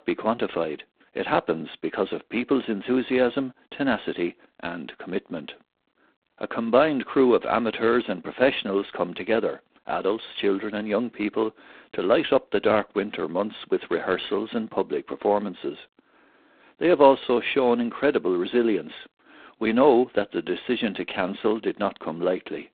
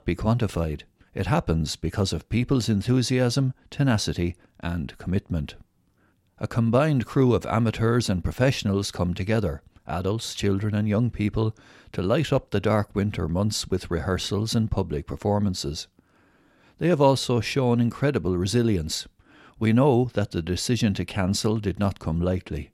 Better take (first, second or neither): second